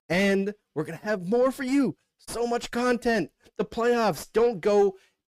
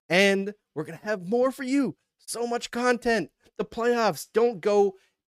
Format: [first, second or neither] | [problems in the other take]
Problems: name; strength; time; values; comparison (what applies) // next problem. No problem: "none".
second | distortion; slight; 10 dB below the speech